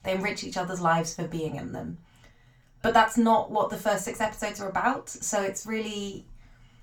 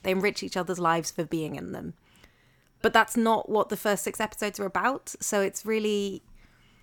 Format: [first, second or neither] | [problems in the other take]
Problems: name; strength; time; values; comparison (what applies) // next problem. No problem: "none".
second | room echo; slight; dies away in 0.2 s // off-mic speech; far